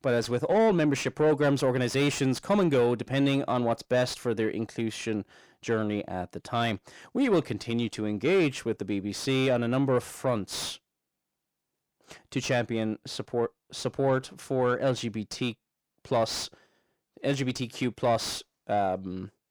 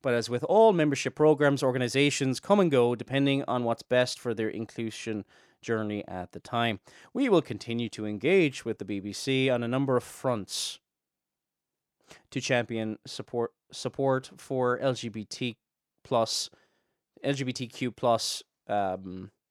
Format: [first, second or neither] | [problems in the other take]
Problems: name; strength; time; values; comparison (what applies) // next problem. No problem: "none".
second | distortion; slight; 10 dB below the speech